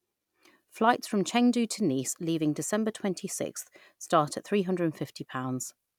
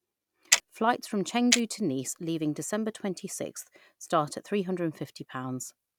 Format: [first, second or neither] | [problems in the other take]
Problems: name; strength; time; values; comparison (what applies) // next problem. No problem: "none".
first | background sound (Clock); as loud as the speech